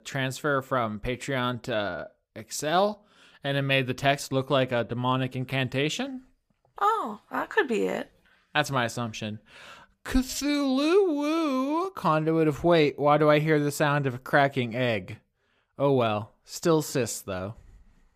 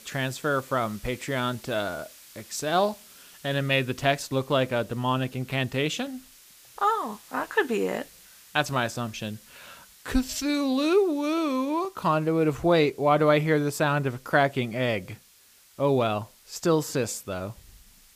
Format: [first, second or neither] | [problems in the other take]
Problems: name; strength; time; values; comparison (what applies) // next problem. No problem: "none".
first | hiss; faint; throughout; 25 dB below the speech